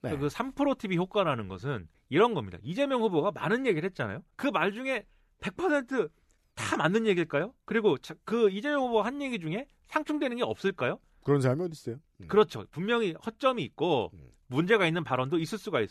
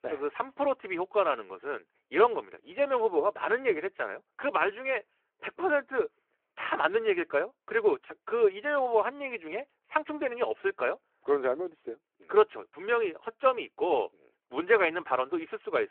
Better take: first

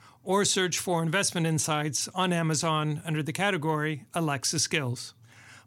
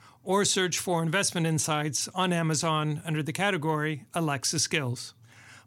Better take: neither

